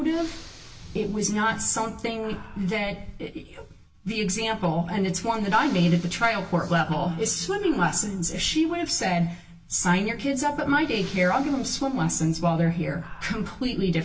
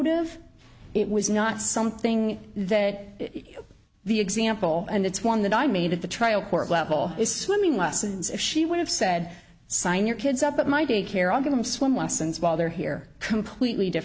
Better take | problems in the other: second | background sound (Breathing); 19 dB below the speech // room echo; dies away in 0.1 s

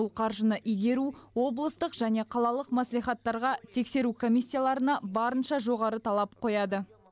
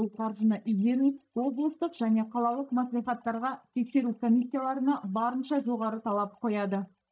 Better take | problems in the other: first | noise reduction (neural mask model DeepFilterNet 3)

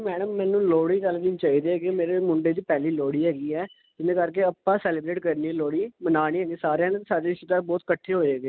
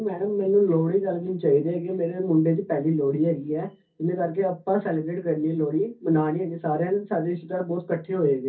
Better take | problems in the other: first | room echo; dies away in 0.3 s

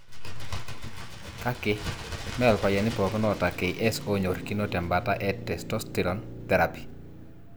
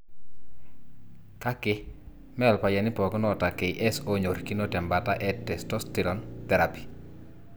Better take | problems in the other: second | background sound (Bird); 13 dB below the speech

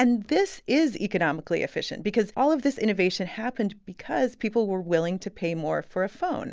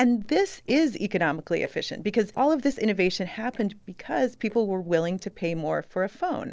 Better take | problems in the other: first | noise reduction (neural separator model SepFormer DNS4)

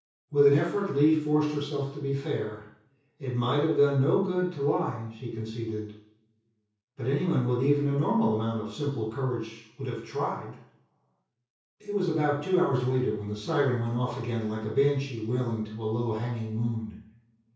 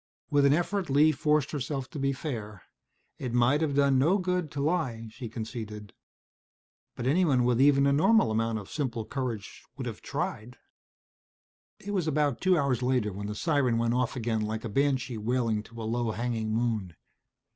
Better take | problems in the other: second | room echo; dies away in 0.6 s

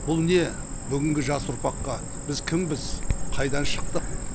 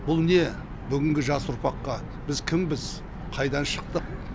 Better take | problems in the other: second | background sound (Cricket); 2 dB below the speech

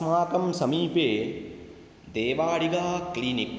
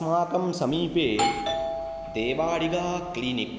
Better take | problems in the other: first | background sound (Doorbell); 5 dB below the speech

